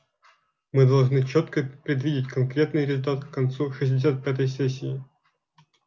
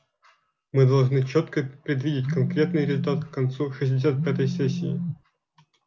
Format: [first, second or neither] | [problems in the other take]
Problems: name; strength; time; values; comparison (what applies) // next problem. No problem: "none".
first | background sound (Telephone); 4 dB below the speech